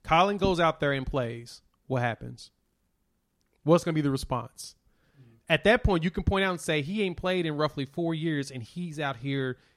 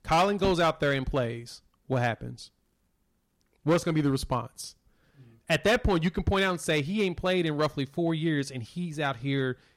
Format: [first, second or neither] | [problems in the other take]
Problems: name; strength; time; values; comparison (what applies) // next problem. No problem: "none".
first | distortion; slight; 3% of the sound clipped